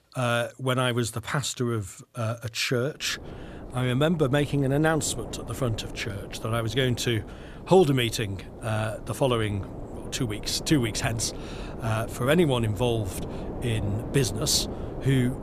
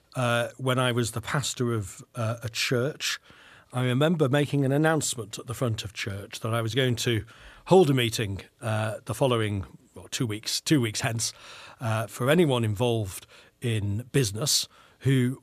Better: second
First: wind noise on the microphone; occasional gusts; from 3 s on; 15 dB below the speech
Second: none

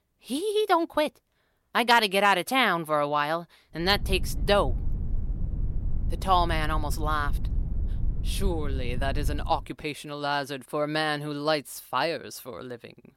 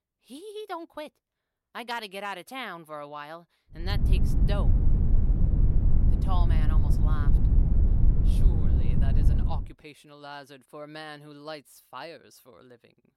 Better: first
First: low rumble; faint; from 4 to 9.5 s; 25 dB below the speech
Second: low rumble; loud; from 4 to 9.5 s; 2 dB below the speech

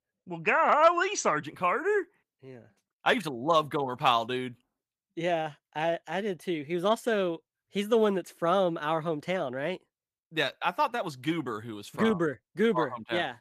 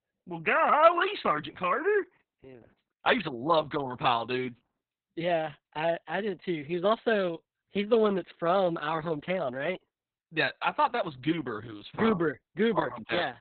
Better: first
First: garbled, watery; slightly; nothing above 14.5 kHz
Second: garbled, watery; badly; nothing above 4 kHz

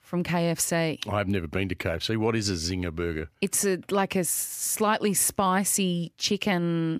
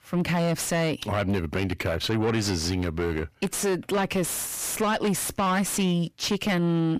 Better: first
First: none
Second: distortion; heavy; 7 dB below the speech

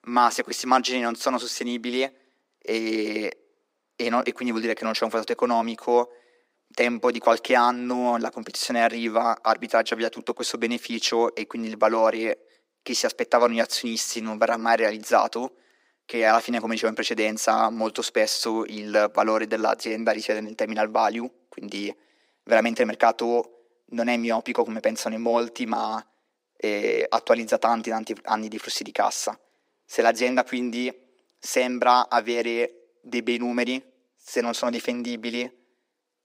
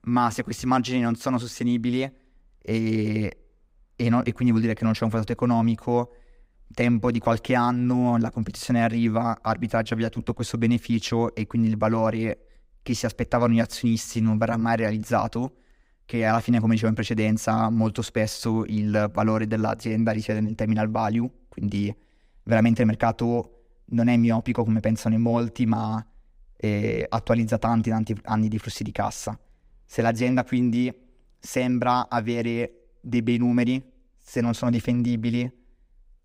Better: second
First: thin; somewhat; fading below 350 Hz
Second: none

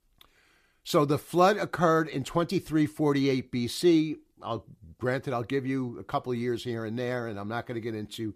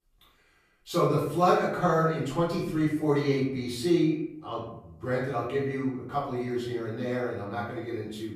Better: first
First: none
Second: off-mic speech; far // room echo; noticeable; dies away in 0.6 s

